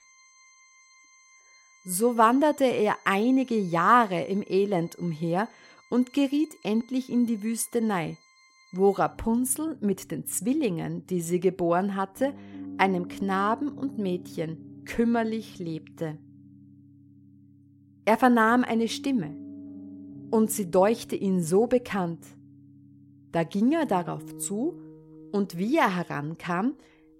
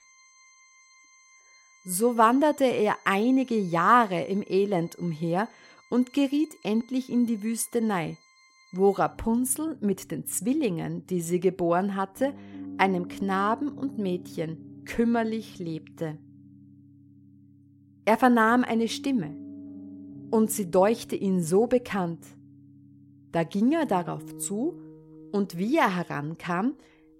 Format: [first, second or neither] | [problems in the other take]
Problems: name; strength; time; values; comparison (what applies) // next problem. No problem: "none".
neither | background music; faint; throughout; 20 dB below the speech; the same in both